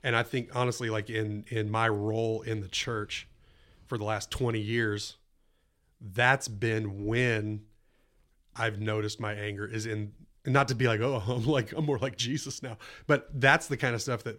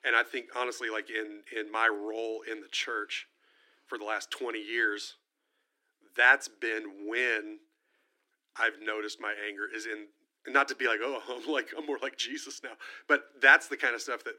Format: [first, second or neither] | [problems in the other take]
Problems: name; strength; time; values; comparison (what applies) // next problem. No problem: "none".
first | thin; very; fading below 300 Hz